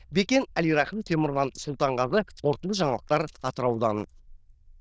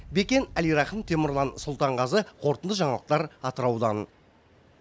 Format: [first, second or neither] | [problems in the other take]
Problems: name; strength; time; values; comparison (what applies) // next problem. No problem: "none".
second | noise reduction (neural diffusion model UNIVERSE++)